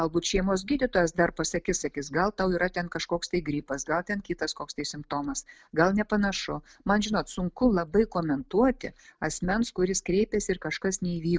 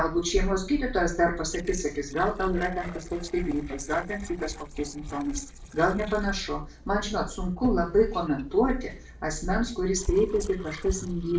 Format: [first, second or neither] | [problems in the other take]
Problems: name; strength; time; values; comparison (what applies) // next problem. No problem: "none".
first | noise reduction (neural separator model SepFormer DNS4)